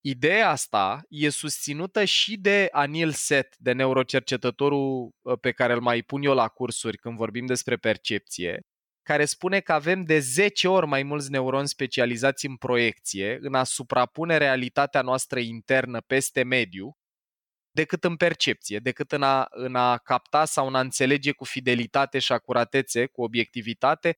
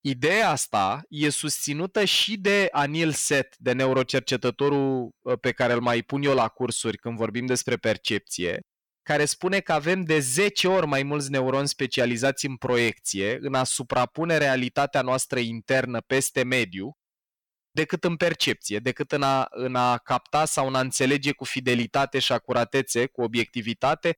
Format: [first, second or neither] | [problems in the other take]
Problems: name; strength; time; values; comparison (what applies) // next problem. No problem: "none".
first | distortion; slight; 10 dB below the speech